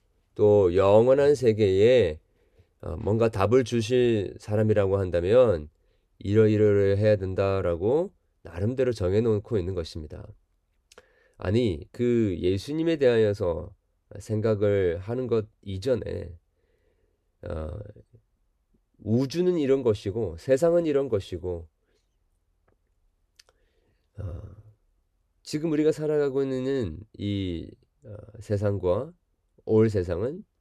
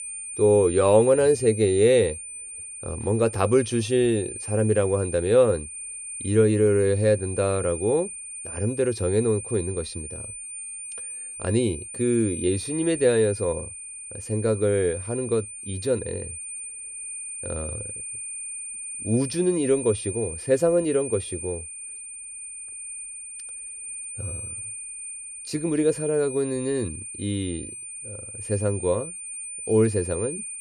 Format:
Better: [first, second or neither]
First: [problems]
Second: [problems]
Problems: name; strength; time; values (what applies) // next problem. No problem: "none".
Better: first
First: none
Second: high-pitched whine; loud; throughout; 9 kHz, 10 dB below the speech